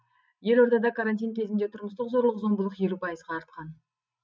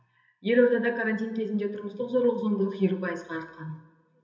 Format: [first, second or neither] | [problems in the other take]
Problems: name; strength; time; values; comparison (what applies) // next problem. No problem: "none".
first | room echo; dies away in 1.4 s